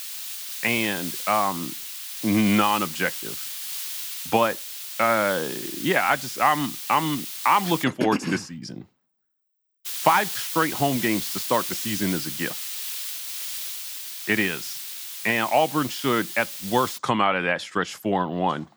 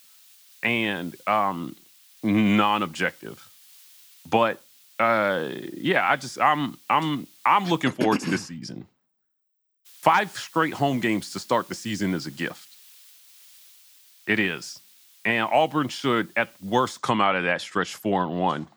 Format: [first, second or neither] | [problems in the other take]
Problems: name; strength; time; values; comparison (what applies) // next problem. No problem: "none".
second | hiss; loud; until 8 s and from 10 to 17 s; 6 dB below the speech; faint in the second